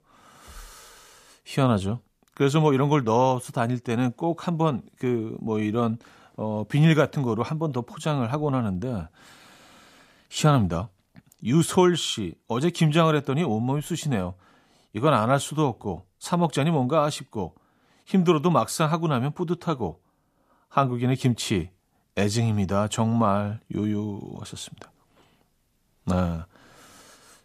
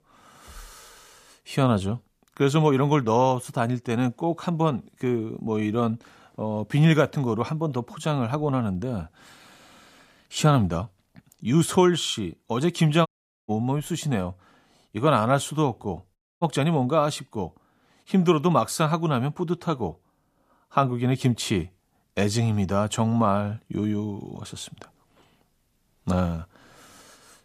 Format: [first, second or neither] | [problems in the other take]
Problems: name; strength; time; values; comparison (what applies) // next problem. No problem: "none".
first | audio cutting out; at 13 s and at 16 s